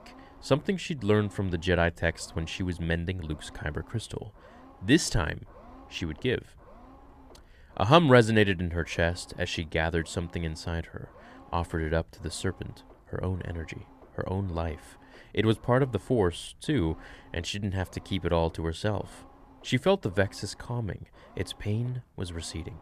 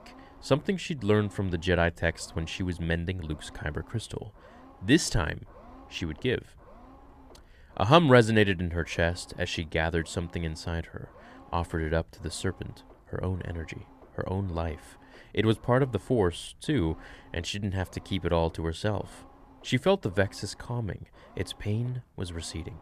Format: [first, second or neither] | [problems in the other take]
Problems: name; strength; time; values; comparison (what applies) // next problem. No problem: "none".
neither | low rumble; faint; throughout; 25 dB below the speech; the same in both